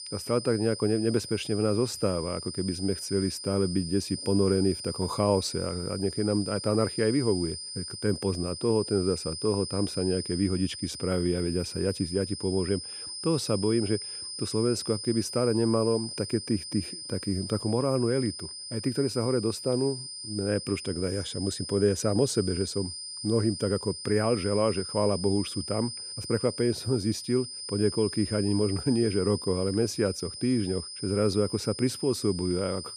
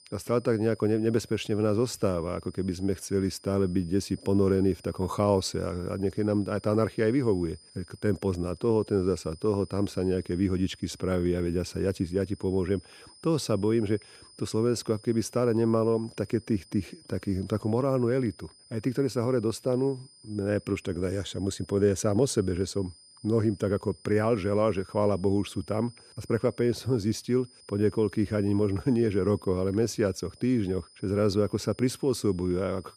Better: second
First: high-pitched whine; loud; throughout; 5 kHz, 8 dB below the speech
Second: high-pitched whine; faint; throughout; 5 kHz, 25 dB below the speech

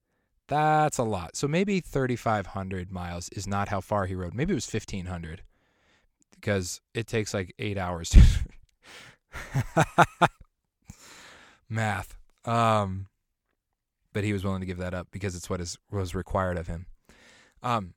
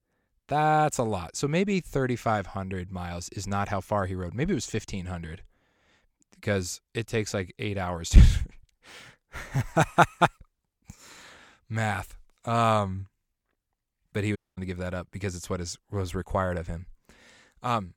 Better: first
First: none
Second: audio cutting out; at 14 s

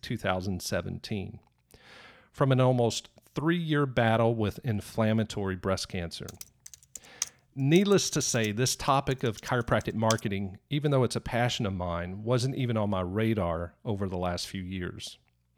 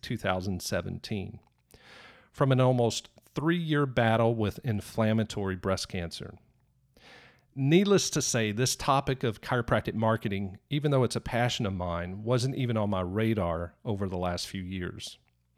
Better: second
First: keyboard typing; noticeable; from 6.5 to 10 s; peak 6 dB below the speech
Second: none

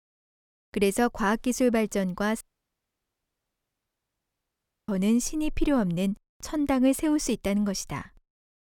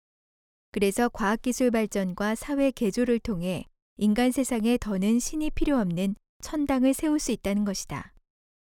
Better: second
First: audio cutting out; at 2.5 s for 2.5 s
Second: none

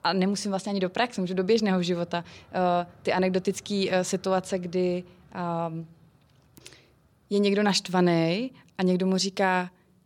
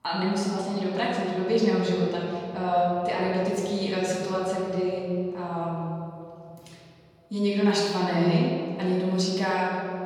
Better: first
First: none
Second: off-mic speech; far // room echo; noticeable; dies away in 2.1 s

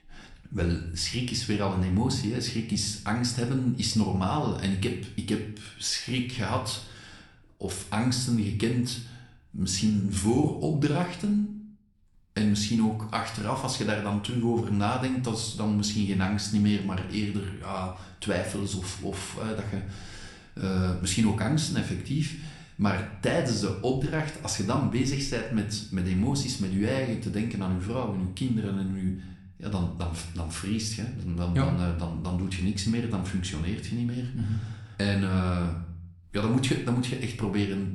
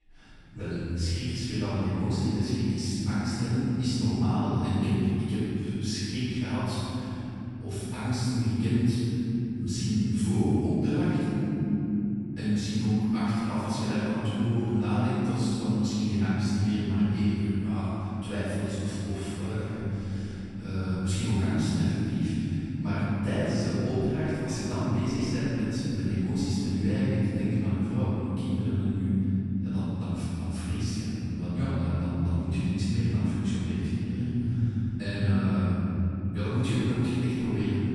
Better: first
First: room echo; slight; dies away in 0.5 s // off-mic speech; somewhat distant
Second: room echo; strong; dies away in 3 s // off-mic speech; far

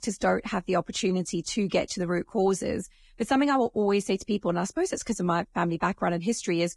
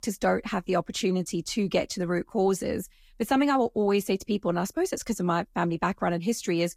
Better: second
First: garbled, watery; badly; nothing above 10.5 kHz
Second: garbled, watery; slightly; nothing above 14.5 kHz

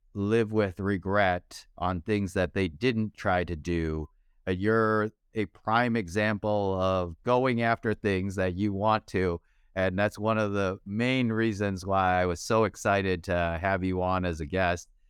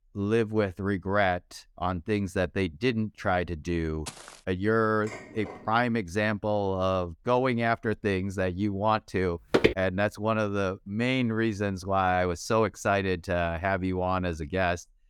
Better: first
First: none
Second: footsteps; faint; at 4 s; peak 15 dB below the speech // clattering dishes; faint; at 5 s; peak 15 dB below the speech // footsteps; loud; at 9.5 s; peak 3 dB above the speech

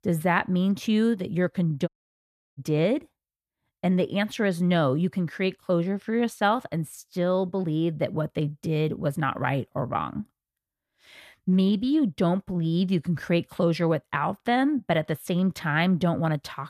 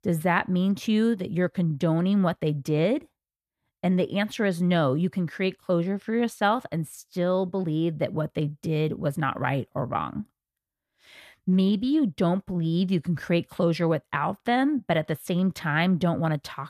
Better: second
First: audio cutting out; at 2 s for 0.5 s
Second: none

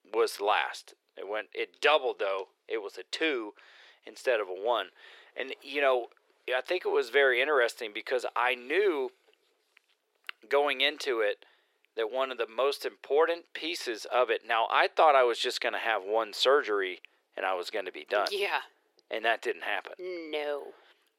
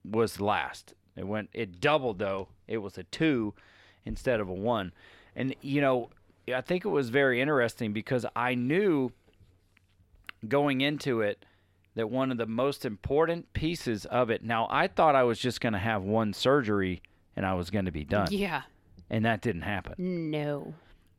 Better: second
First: thin; very; fading below 400 Hz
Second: none

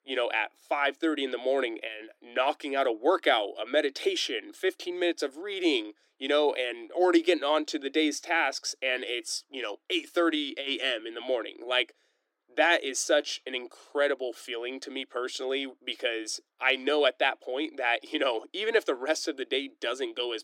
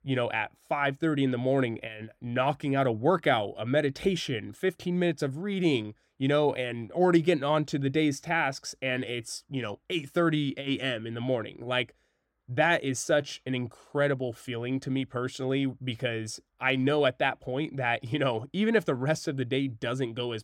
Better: second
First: thin; somewhat; fading below 300 Hz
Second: none

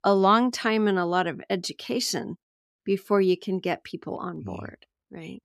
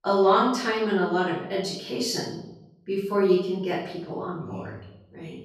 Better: first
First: none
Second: room echo; noticeable; dies away in 0.7 s // off-mic speech; far

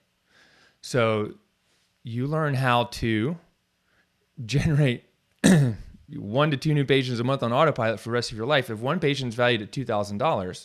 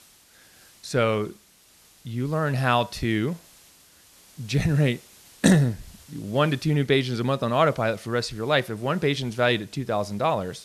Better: first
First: none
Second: hiss; faint; throughout; 25 dB below the speech

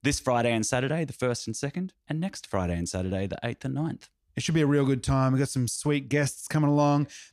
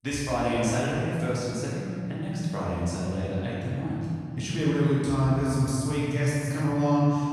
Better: first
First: none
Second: room echo; strong; dies away in 2.9 s // off-mic speech; far

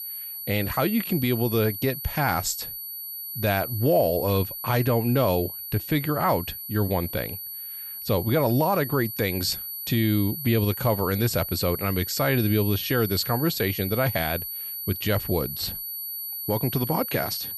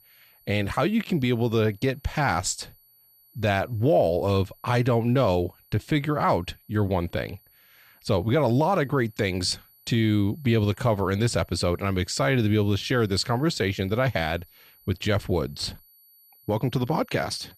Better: second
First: high-pitched whine; loud; throughout; 12 kHz, 6 dB below the speech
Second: high-pitched whine; faint; throughout; 12 kHz, 30 dB below the speech

